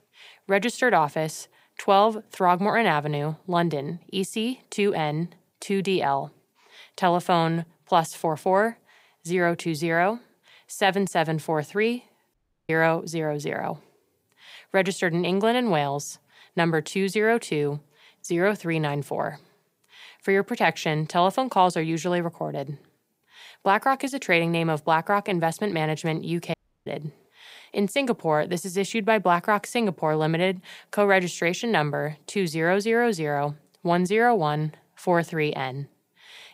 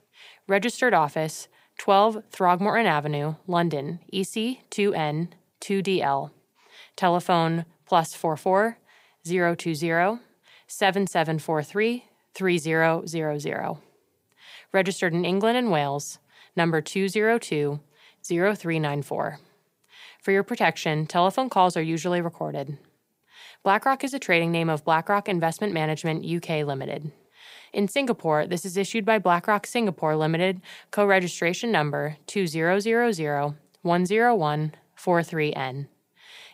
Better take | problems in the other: second | audio cutting out; at 12 s and at 27 s

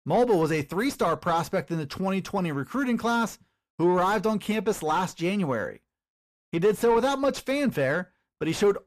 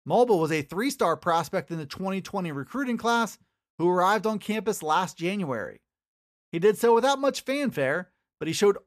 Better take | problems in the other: second | distortion; slight; 10 dB below the speech

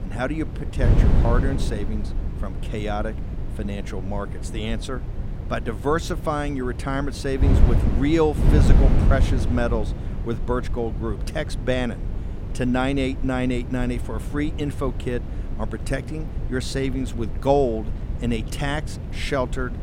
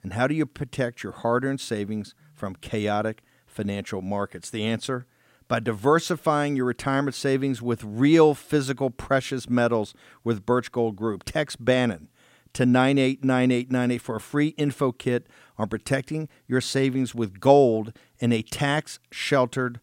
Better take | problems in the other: second | wind noise on the microphone; heavy; 9 dB below the speech

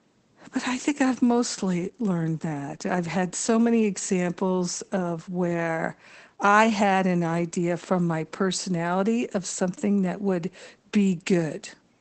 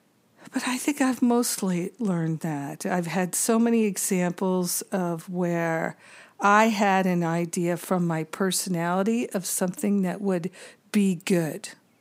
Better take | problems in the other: second | garbled, watery; badly; nothing above 8 kHz

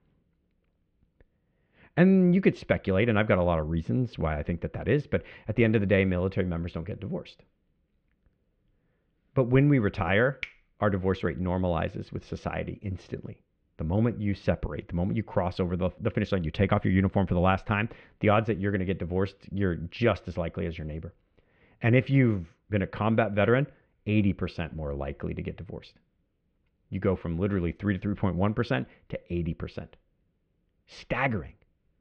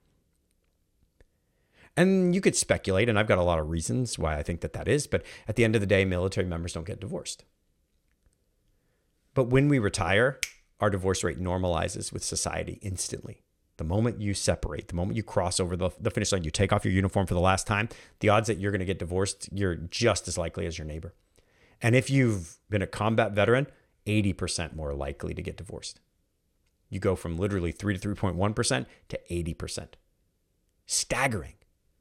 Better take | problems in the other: second | muffled; very; fading above 3 kHz

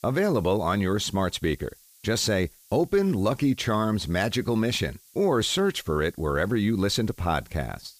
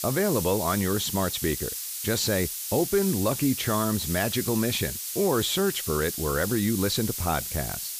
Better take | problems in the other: first | hiss; loud; throughout; 4 dB below the speech; faint in the first

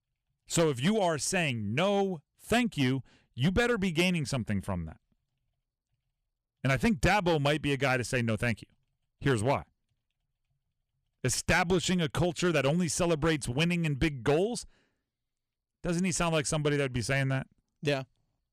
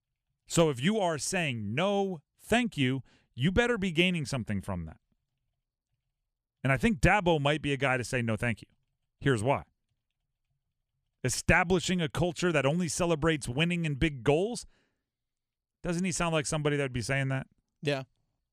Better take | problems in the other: second | distortion; slight; 3% of the sound clipped

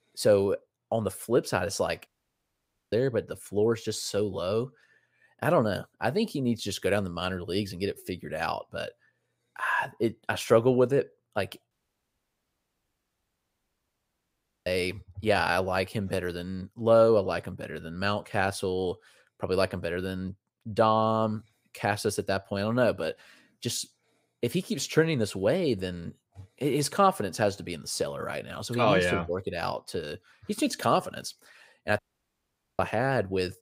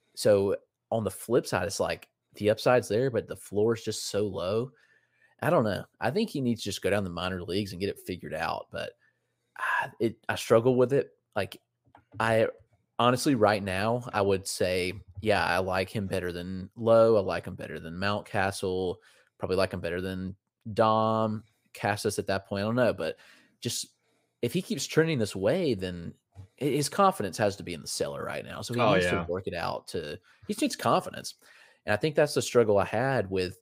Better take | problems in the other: second | audio cutting out; at 2 s for 1 s, at 12 s for 3 s and at 32 s for 1 s

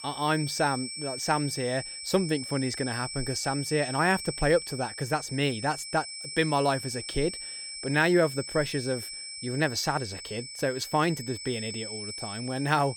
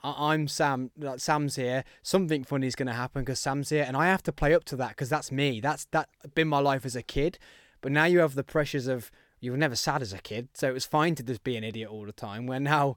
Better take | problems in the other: second | high-pitched whine; loud; throughout; 5.5 kHz, 7 dB below the speech

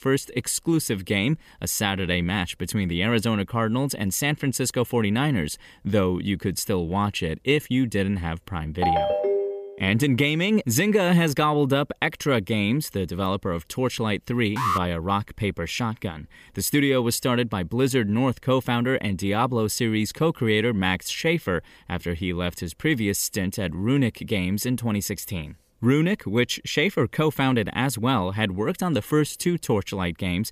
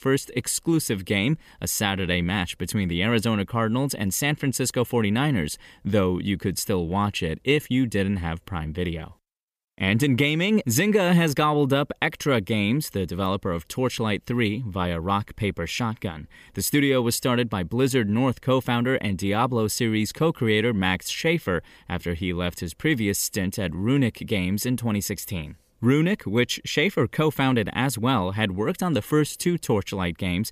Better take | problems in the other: second | phone ringing; loud; at 9 s; peak 1 dB above the speech // alarm; noticeable; at 15 s; peak 1 dB below the speech

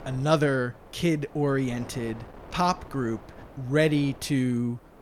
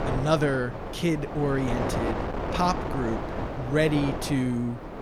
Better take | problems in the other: first | wind noise on the microphone; heavy; 4 dB below the speech; occasional gusts in the first

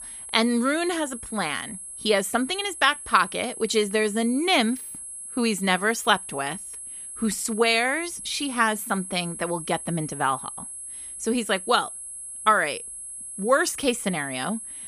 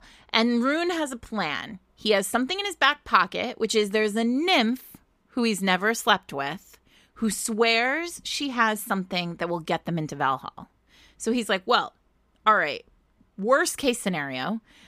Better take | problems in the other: second | high-pitched whine; noticeable; throughout; 10.5 kHz, 10 dB below the speech

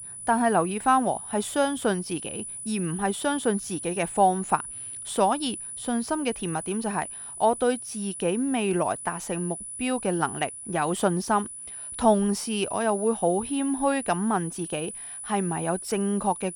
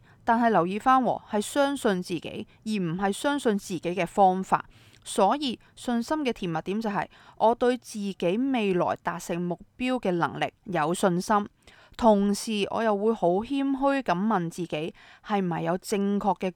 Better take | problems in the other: second | high-pitched whine; loud; throughout; 10 kHz, 8 dB below the speech

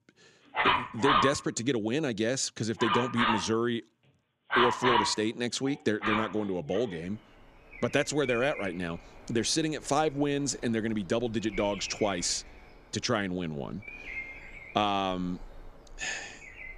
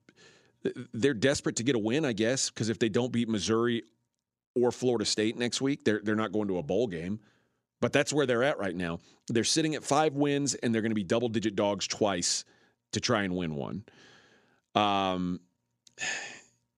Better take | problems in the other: second | animal sounds; loud; throughout; as loud as the speech

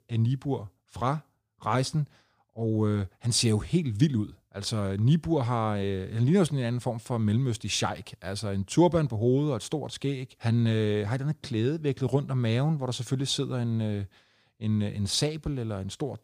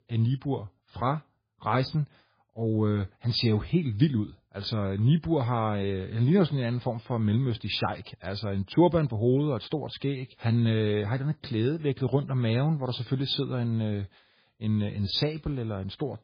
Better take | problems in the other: first | garbled, watery; badly

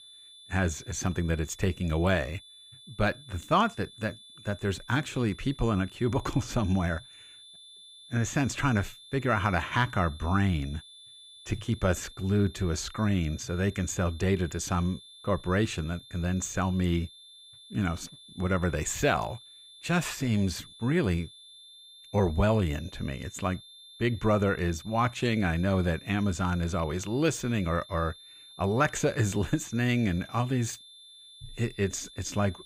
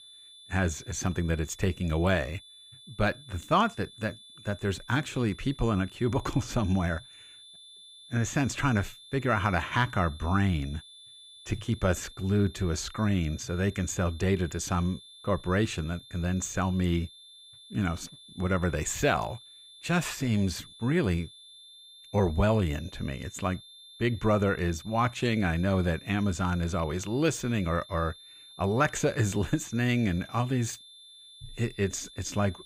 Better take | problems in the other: neither | high-pitched whine; noticeable; throughout; 3.5 kHz, 20 dB below the speech; the same in both

